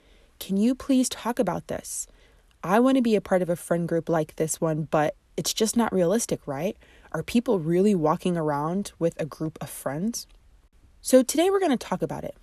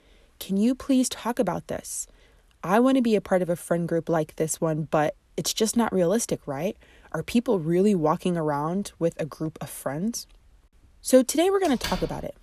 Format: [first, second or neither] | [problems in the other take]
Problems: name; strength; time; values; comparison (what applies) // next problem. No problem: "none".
first | door banging; noticeable; at 12 s; peak 8 dB below the speech